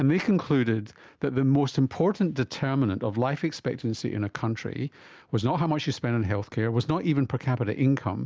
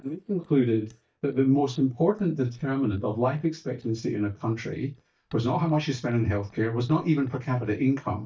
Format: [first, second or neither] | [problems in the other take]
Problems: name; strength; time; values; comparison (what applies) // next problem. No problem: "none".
first | noise reduction (neural mask model DeepFilterNet 3)